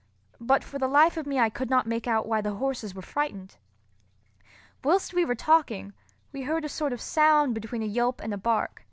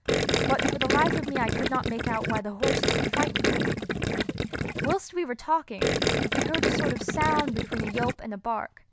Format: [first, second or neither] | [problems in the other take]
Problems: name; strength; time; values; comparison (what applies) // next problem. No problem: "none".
first | background sound (Gurgling); 4 dB above the speech